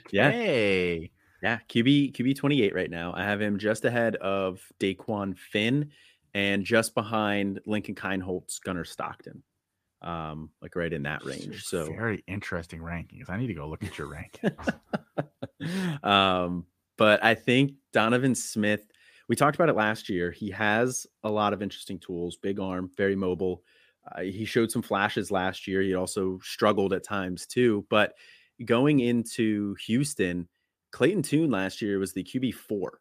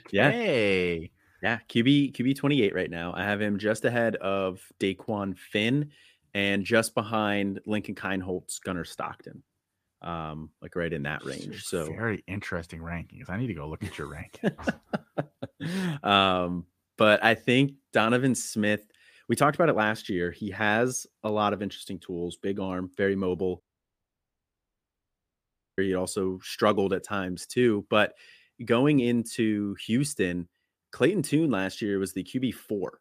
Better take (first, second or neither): first